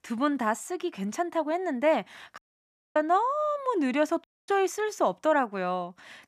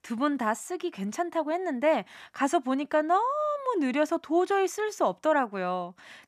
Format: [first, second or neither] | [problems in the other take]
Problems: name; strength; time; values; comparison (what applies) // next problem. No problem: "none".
second | audio cutting out; at 2.5 s for 0.5 s and at 4 s